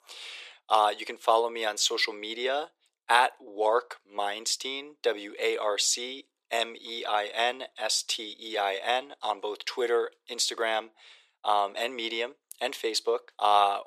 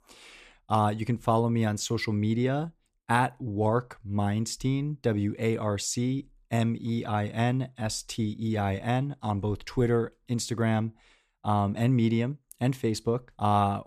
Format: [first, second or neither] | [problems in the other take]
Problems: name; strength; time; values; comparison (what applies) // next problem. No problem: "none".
second | thin; very; fading below 400 Hz